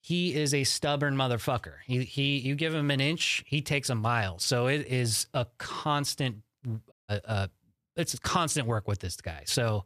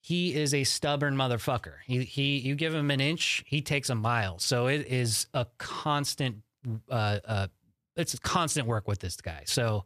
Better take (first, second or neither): second